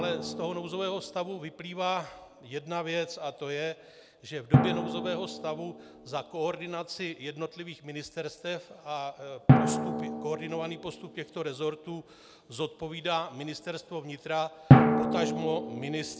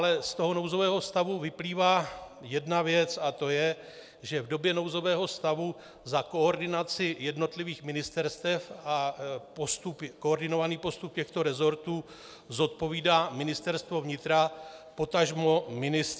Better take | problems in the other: second | background sound (Drum); 5 dB above the speech

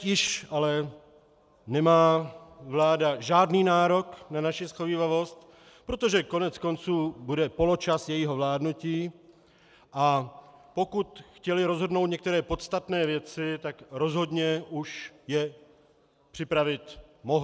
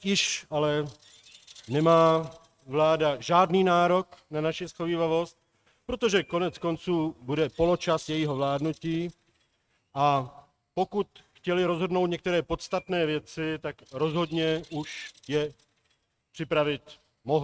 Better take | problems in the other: first | noise reduction (neural mask model RNNoise)

